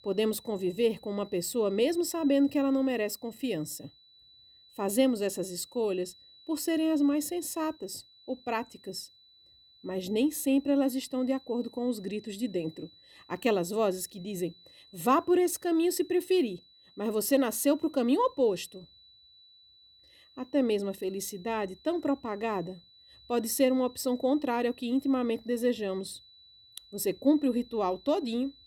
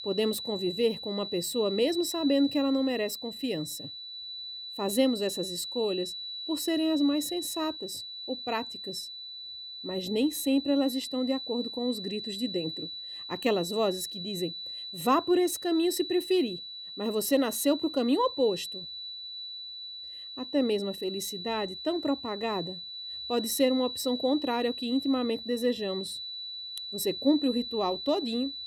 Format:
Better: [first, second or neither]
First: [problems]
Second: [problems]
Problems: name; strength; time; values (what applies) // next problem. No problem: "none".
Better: first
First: high-pitched whine; faint; throughout; 4 kHz, 25 dB below the speech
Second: high-pitched whine; loud; throughout; 4 kHz, 7 dB below the speech